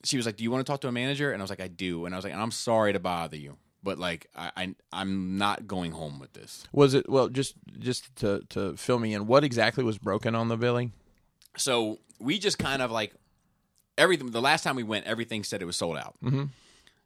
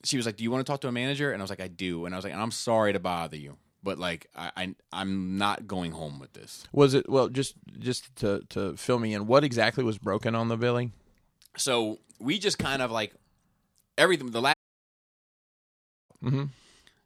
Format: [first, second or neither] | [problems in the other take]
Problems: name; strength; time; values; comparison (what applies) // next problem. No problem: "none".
first | audio cutting out; at 15 s for 1.5 s